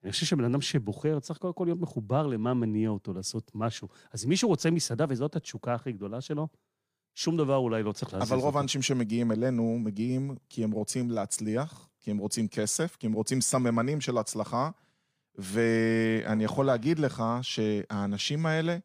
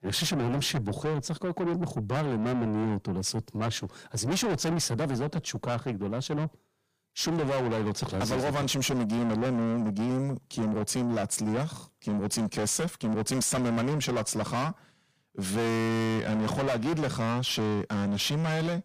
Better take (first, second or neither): first